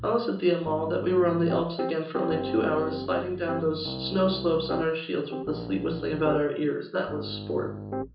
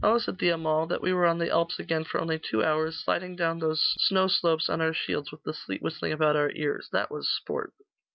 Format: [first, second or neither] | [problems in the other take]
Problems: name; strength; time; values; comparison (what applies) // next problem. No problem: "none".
second | background sound (Piano); 8 dB below the speech // room echo; dies away in 0.6 s